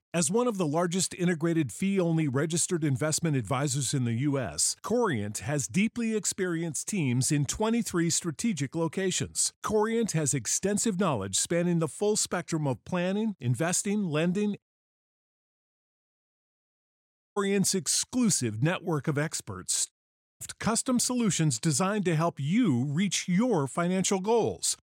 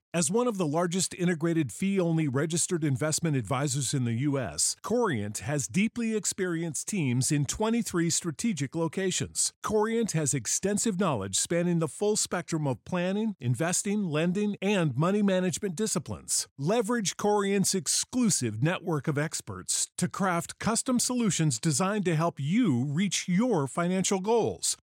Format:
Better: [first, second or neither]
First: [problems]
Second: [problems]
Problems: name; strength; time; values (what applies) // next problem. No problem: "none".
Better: second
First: audio cutting out; at 15 s for 2.5 s and at 20 s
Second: none